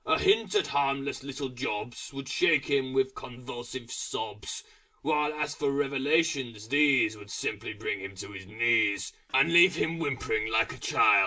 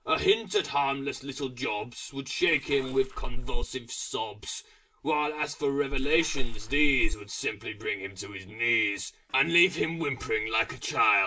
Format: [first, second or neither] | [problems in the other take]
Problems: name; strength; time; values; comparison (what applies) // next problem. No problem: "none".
first | noise reduction (neural mask model Resemble Enhance denoiser)